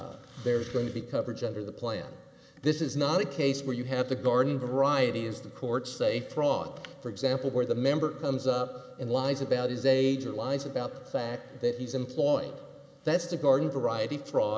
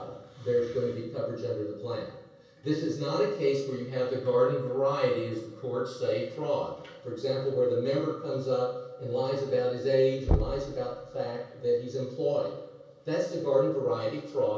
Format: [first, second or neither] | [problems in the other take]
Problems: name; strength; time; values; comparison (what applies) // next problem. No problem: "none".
first | background sound (Knock); 4 dB below the speech // room echo; dies away in 0.6 s